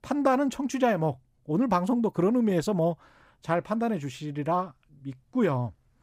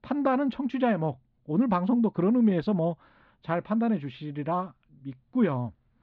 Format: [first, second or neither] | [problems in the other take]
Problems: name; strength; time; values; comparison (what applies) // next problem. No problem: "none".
first | muffled; slightly; fading above 4 kHz